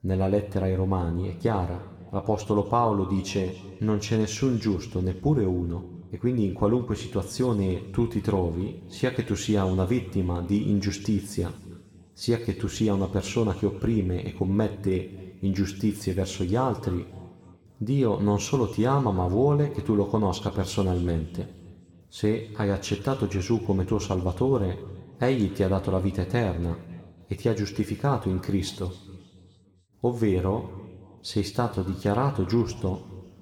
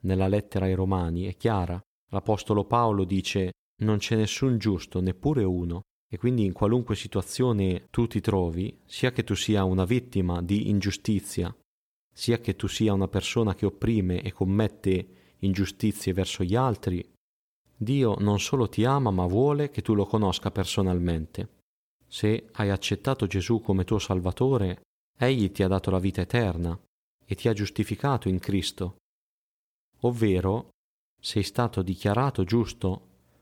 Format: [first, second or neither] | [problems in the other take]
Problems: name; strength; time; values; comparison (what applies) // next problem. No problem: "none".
second | room echo; slight; dies away in 1.4 s